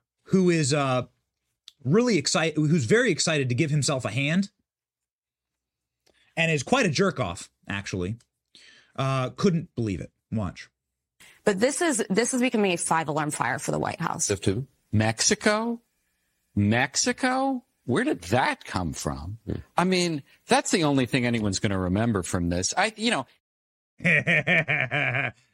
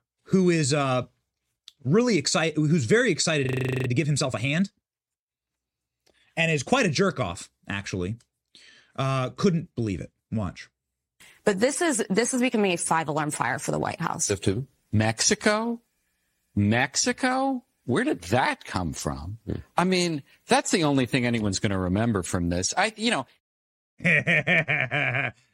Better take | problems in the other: first | audio freezing; at 3.5 s

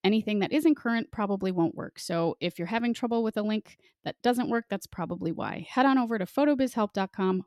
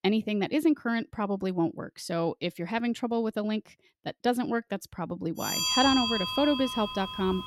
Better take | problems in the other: first | alarms or sirens; very loud; from 5.5 s on; as loud as the speech

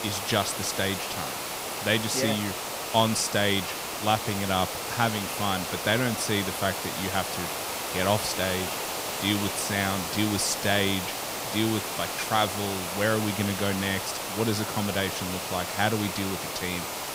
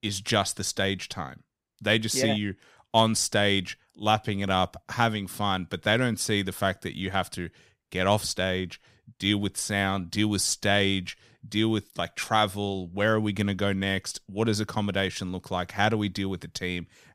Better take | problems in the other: second | hiss; loud; throughout; 3 dB below the speech

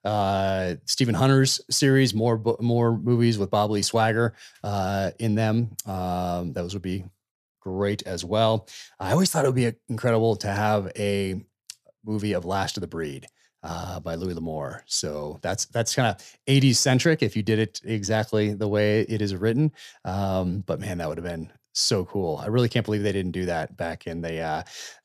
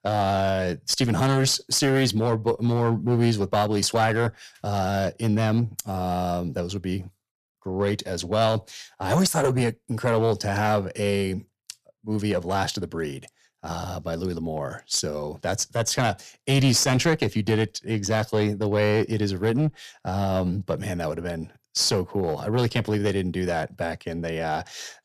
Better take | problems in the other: first | distortion; slight; 4% of the sound clipped

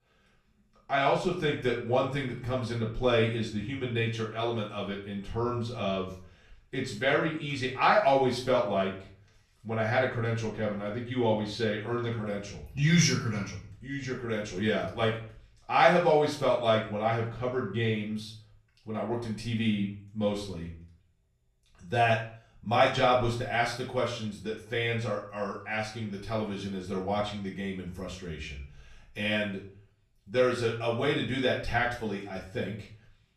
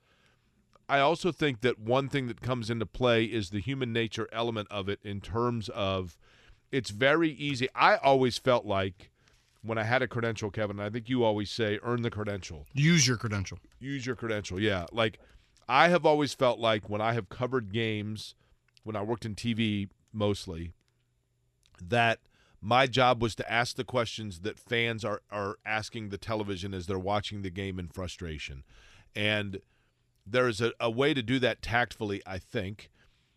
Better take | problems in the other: second | off-mic speech; far // room echo; slight; dies away in 0.4 s

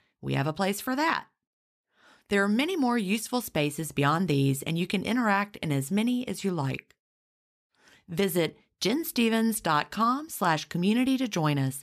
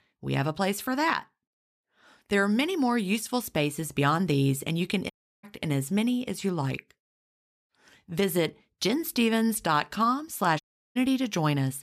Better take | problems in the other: first | audio cutting out; at 5 s and at 11 s

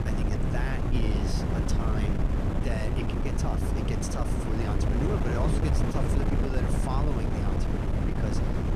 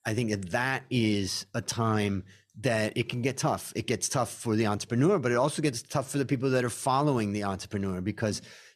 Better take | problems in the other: second | wind noise on the microphone; heavy; 3 dB above the speech

